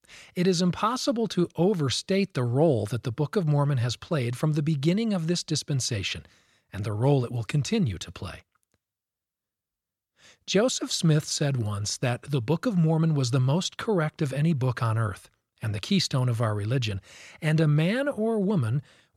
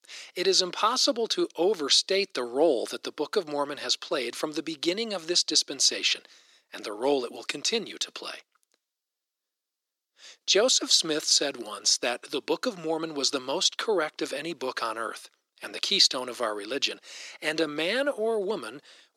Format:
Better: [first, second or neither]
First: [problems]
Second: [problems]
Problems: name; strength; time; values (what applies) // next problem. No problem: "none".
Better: first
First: none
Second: thin; very; fading below 300 Hz